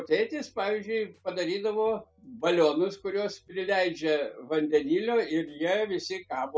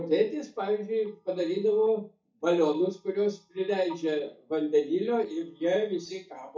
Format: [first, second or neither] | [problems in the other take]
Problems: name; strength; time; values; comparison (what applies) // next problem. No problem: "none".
first | noise reduction (neural mask model DeepFilterNet 3)